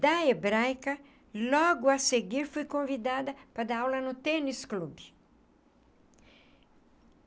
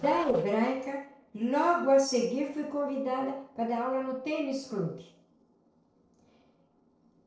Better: first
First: none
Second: noise reduction (neural separator model SepFormer DNS4)

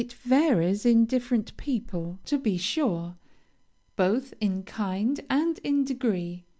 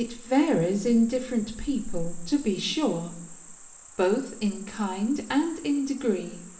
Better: first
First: none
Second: background sound (Cricket); 19 dB below the speech // room echo; dies away in 0.7 s

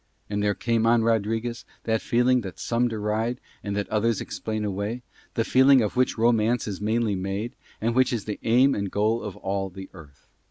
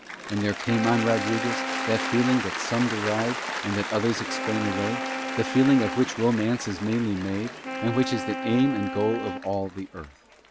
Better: first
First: none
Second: background sound (Applause / Cheering + Wind instrument, woodwind instrument); 6 dB below the speech

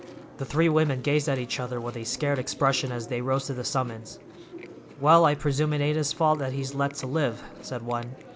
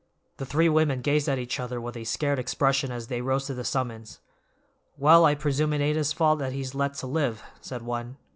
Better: second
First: background sound (Chewing, mastication); 17 dB below the speech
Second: none

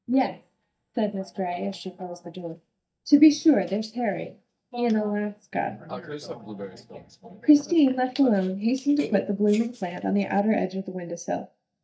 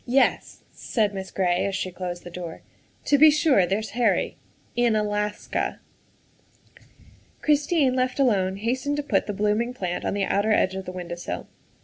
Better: second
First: noise reduction (neural mask model DeepFilterNet 3)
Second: none

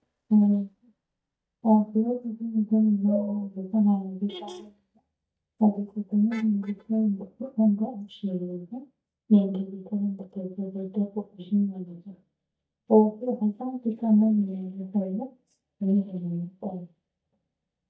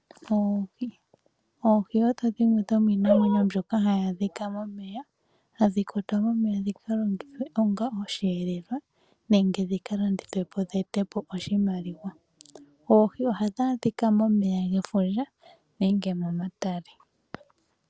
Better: second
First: noise reduction (neural mask model DeepFilterNet 3)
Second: none

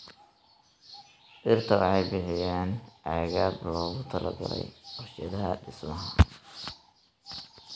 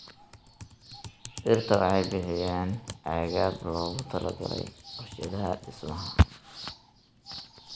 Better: first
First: none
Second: background sound (Typing); 18 dB below the speech

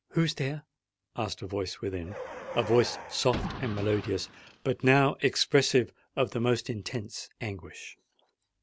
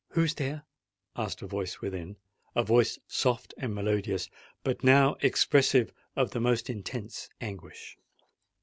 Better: second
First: background sound (Car); 10 dB below the speech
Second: none

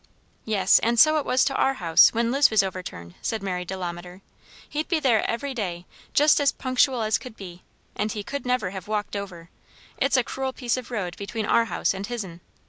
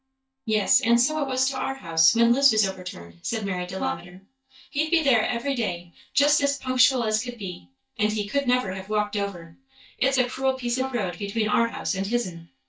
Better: first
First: none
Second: noise reduction (neural mask model DeepFilterNet 3)

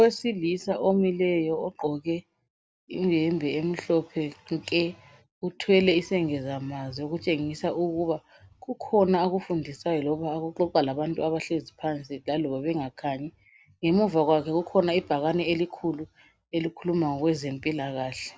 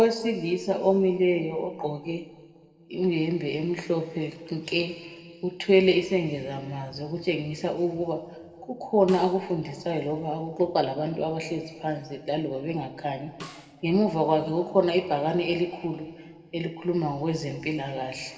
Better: first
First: none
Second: noise reduction (neural separator model SepFormer DNS4)

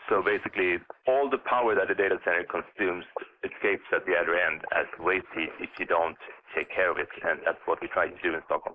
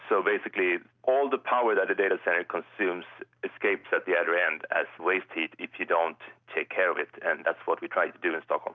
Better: second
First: noise reduction (neural mask model Resemble Enhance denoiser)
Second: none

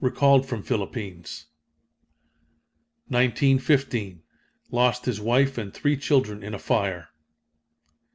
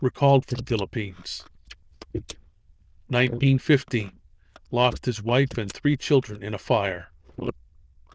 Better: first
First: none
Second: noise reduction (neural diffusion model UNIVERSE++)

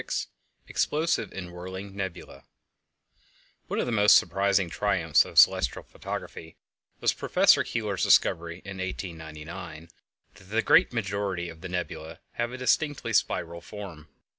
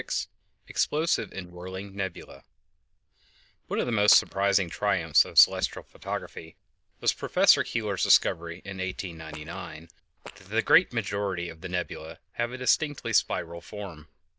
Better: first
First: none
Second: noise reduction (neural diffusion model UNIVERSE++)

